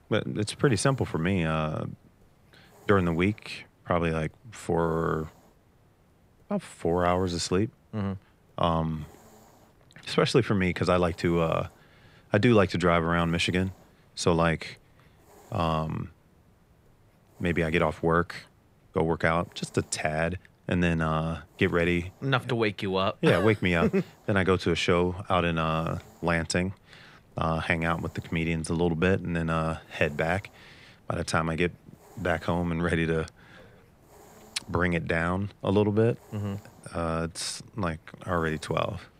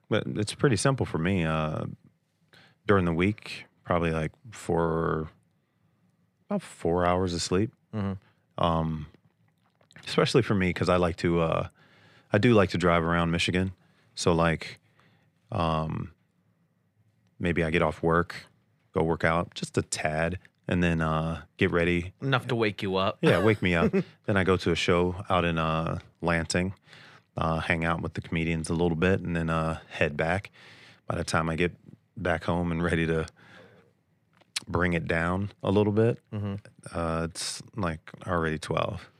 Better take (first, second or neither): second